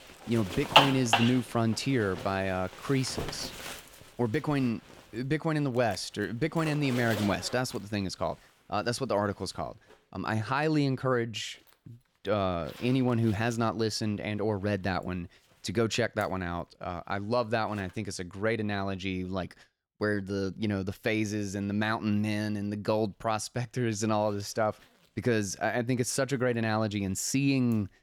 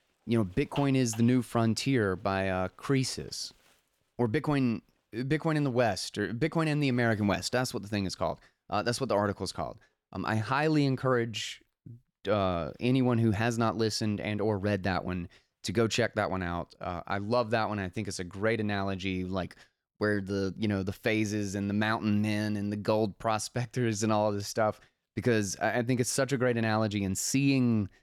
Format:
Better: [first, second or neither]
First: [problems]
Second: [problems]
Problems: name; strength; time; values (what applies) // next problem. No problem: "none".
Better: second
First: household noises; loud; throughout; 1 dB below the speech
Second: household noises; faint; throughout; 25 dB below the speech